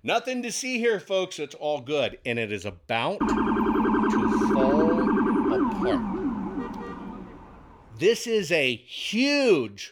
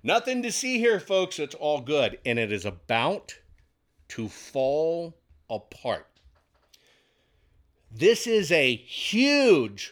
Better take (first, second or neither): second